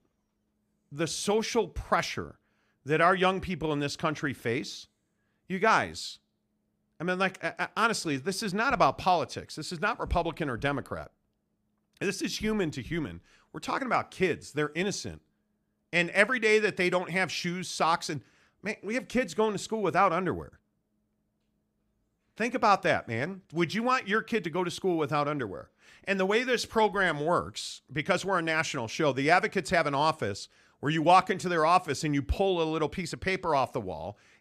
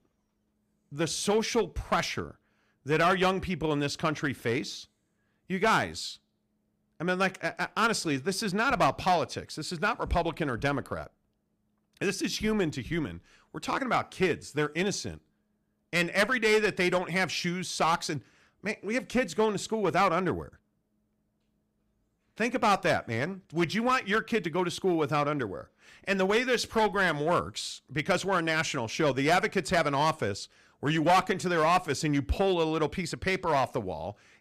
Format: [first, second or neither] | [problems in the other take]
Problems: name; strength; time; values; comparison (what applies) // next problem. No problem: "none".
first | distortion; slight; 3% of the sound clipped